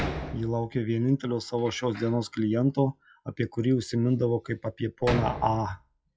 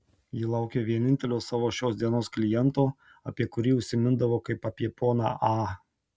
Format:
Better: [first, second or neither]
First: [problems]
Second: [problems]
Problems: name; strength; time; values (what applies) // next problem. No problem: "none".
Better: second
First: noise reduction (classical method log-MMSE)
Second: none